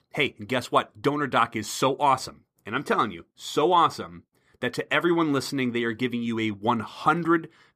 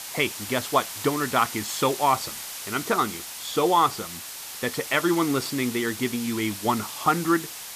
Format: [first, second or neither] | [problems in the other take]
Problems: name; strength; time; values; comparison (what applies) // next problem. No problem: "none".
first | hiss; loud; throughout; 8 dB below the speech